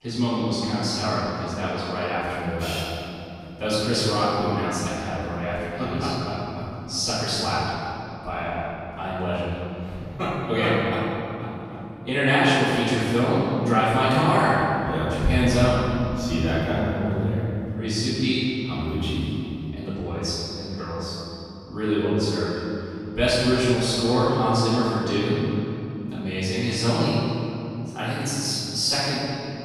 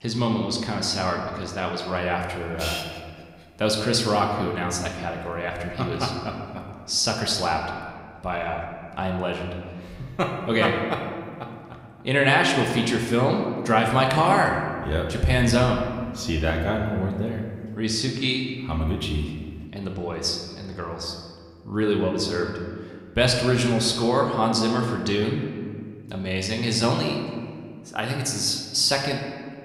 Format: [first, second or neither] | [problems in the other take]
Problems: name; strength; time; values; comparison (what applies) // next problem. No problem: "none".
second | room echo; strong; dies away in 3 s; slight in the second // off-mic speech; far